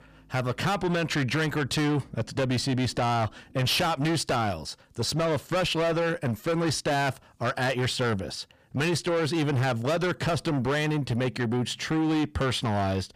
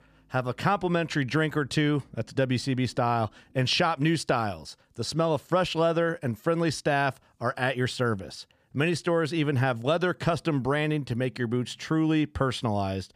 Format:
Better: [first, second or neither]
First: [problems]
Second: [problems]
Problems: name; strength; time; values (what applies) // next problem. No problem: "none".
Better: second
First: distortion; heavy; 7 dB below the speech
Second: none